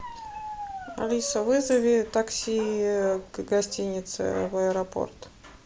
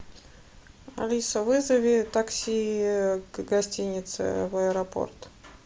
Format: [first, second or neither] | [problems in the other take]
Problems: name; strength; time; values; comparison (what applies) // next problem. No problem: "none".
second | background sound (Bark + Tambourine); 14 dB below the speech